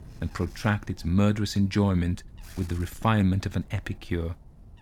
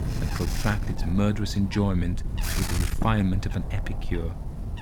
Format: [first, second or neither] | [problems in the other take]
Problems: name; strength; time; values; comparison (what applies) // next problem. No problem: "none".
first | wind noise on the microphone; heavy; 6 dB below the speech; occasional gusts in the first